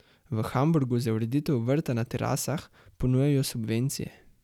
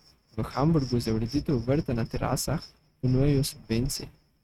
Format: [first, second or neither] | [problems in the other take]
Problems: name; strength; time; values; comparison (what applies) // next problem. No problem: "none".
first | noise reduction (neural mask model RNNoise)